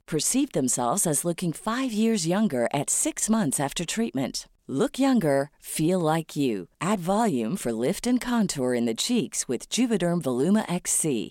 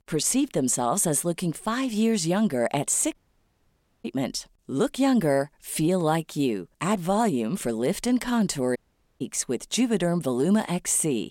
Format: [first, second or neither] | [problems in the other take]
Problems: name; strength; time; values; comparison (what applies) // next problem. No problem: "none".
first | audio cutting out; at 3 s for 1 s and at 9 s